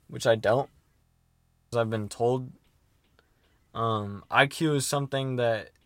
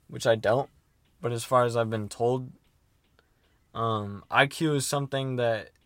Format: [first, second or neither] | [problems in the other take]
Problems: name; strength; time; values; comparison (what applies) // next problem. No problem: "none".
second | audio freezing; at 1 s for 0.5 s